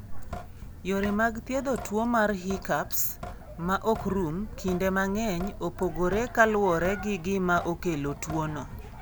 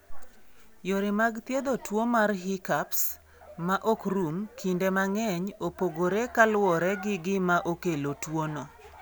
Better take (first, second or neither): second